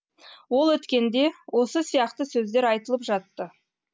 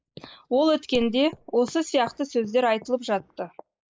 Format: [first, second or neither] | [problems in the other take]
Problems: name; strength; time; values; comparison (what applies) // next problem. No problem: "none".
first | noise reduction (neural mask model Resemble Enhance denoiser)